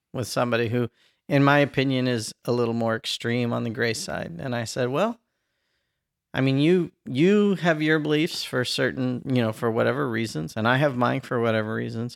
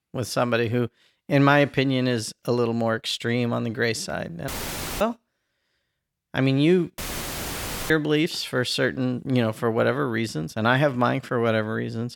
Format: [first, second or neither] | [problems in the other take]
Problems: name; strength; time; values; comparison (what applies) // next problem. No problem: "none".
first | audio cutting out; filled with static; at 4.5 s for 0.5 s and at 7 s for 1 s